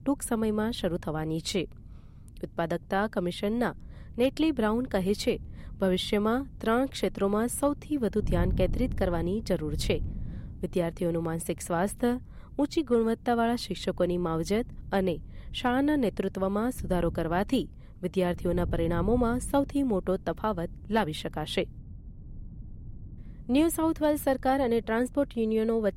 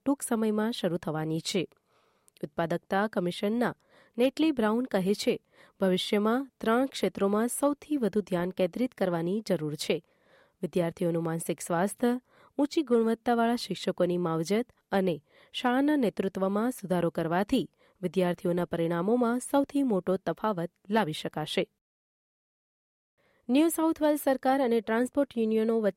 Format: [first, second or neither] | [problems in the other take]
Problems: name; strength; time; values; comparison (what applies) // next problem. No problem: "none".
second | wind noise on the microphone; occasional gusts; 25 dB below the speech